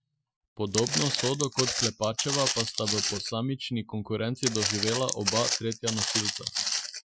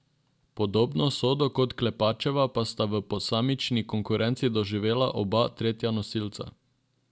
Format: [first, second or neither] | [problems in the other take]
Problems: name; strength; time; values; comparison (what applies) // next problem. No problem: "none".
second | noise reduction (classical method Wiener filter)